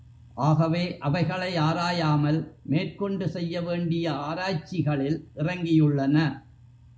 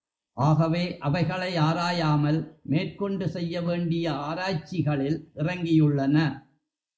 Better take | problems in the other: first | noise reduction (neural mask model Resemble Enhance denoiser)

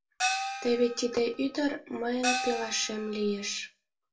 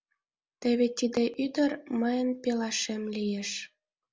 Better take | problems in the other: second | background sound (Gong); 3 dB below the speech // room echo; dies away in 0.2 s

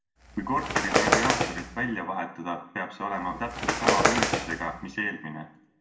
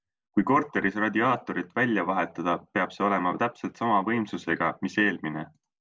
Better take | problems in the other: second | background sound (Bird); 4 dB above the speech // room echo; dies away in 0.6 s

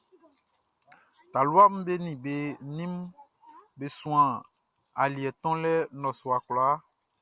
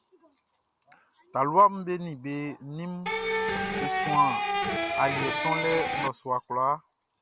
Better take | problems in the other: first | background sound (Electric guitar); 1 dB above the speech

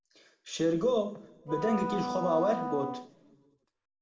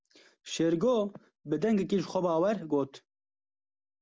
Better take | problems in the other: second | background sound (Wind instrument, woodwind instrument); 5 dB below the speech // room echo; dies away in 1 s

